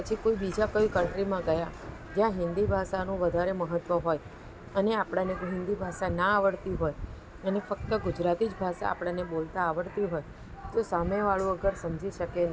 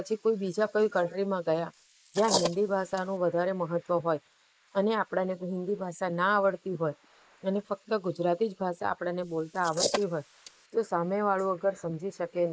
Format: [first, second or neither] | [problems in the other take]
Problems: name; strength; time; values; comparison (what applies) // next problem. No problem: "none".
first | noise reduction (neural mask model Resemble Enhance denoiser)